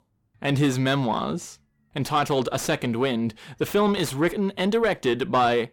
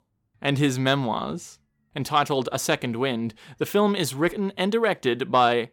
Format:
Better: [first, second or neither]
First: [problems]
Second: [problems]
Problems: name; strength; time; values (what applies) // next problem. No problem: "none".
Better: second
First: distortion; slight; 10 dB below the speech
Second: none